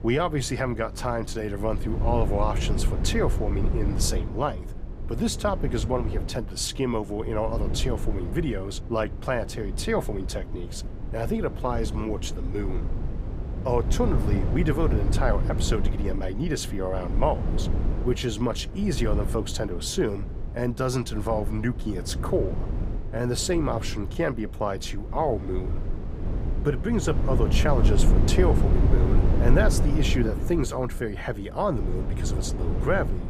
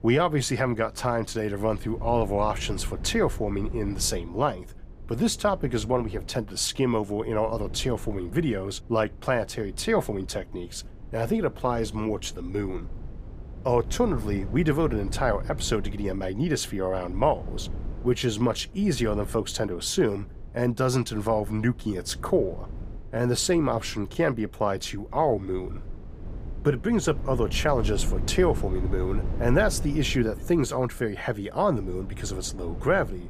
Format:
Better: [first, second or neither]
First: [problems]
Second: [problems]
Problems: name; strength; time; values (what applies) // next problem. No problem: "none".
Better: second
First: low rumble; loud; throughout; 9 dB below the speech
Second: low rumble; faint; throughout; 20 dB below the speech